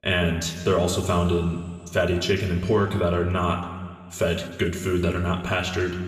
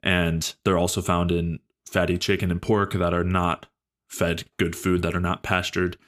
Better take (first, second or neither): second